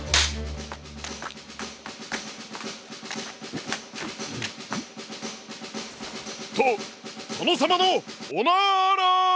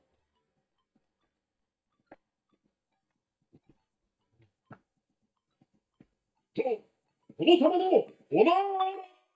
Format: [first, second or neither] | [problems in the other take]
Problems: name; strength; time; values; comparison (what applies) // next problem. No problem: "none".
first | noise reduction (neural mask model DeepFilterNet 3)